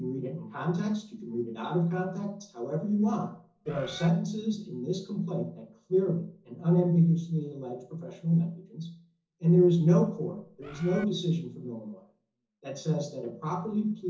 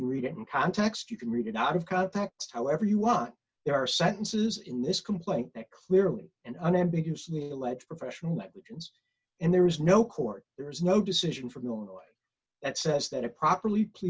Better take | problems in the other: second | noise reduction (neural separator model SepFormer DNS4)

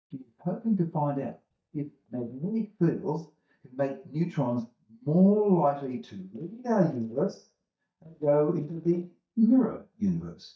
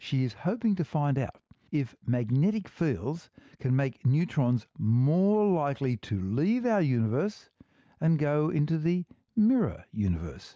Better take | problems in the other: second | noise reduction (neural mask model DeepFilterNet 3)

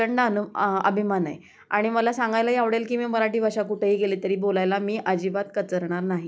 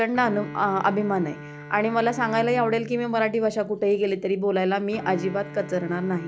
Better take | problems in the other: first | background sound (Bowed string instrument); 15 dB below the speech

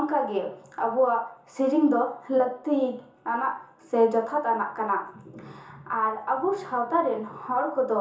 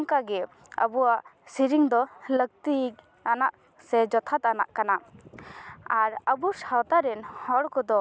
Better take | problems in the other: second | room echo; dies away in 0.7 s

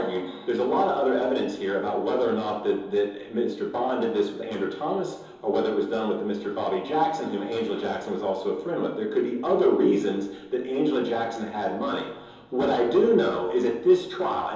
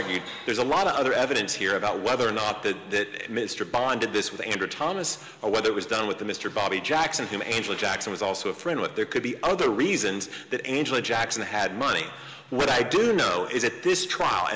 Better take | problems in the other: second | room echo; dies away in 2.8 s

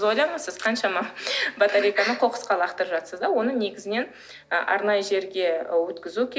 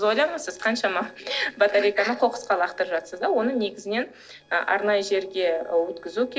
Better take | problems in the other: first | noise reduction (neural separator model SepFormer DNS4)

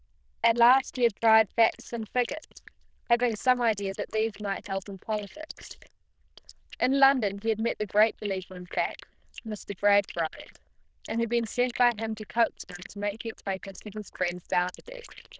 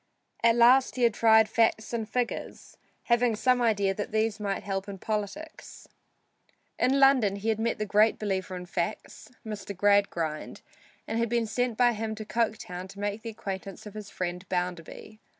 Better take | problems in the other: second | noise reduction (neural diffusion model UNIVERSE++)

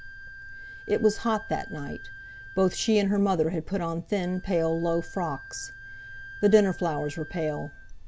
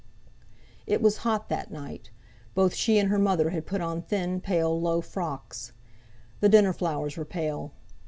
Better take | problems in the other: second | background sound (Wind instrument, woodwind instrument); 17 dB below the speech

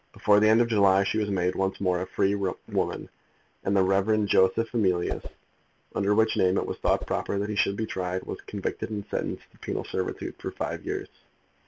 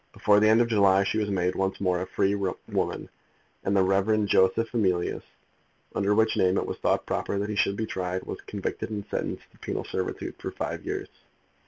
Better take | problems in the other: second | background sound (Whoosh, swoosh, swish); 8 dB below the speech

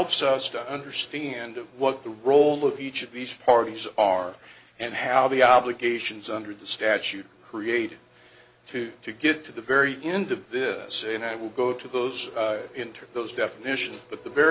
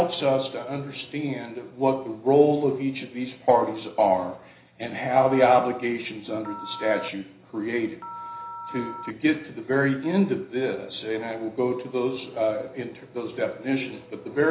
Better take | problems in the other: first | background sound (Telephone); 14 dB below the speech // room echo; dies away in 0.5 s

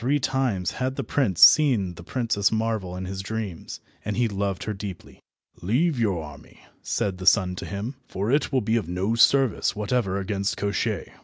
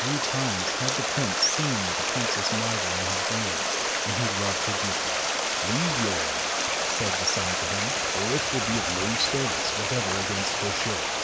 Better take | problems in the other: first | background sound (Stream); 5 dB above the speech

